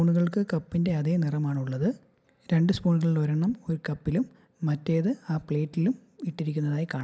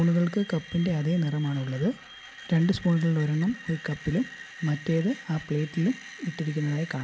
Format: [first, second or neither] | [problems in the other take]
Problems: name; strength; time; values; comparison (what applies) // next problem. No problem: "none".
first | background sound (Screech); 17 dB below the speech